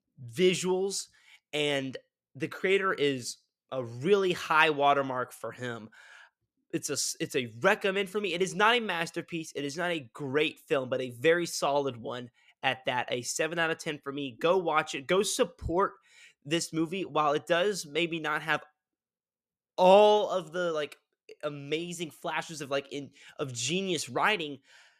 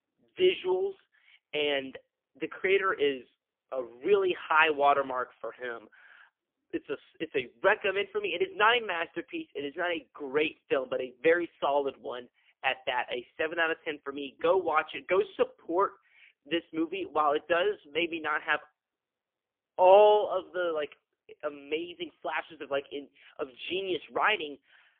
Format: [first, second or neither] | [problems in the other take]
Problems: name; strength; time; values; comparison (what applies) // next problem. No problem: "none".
first | phone-call audio; poor line; nothing above 3 kHz